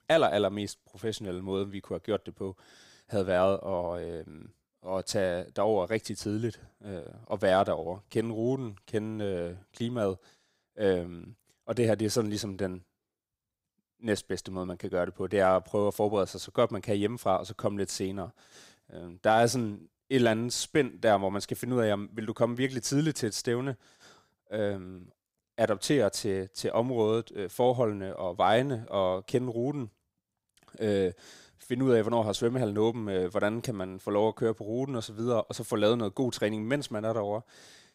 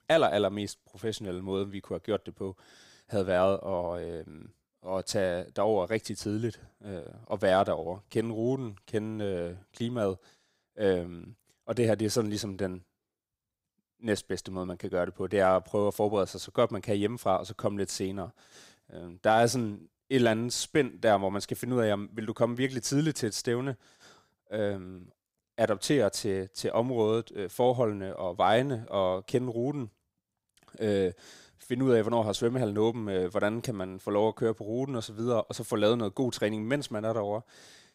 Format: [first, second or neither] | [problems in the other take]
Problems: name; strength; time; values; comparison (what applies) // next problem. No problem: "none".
neither | none